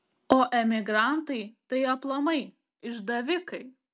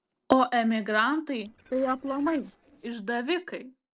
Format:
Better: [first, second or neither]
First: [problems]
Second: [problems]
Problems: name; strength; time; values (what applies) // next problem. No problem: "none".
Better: first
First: none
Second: noise reduction (neural separator model SepFormer DNS4)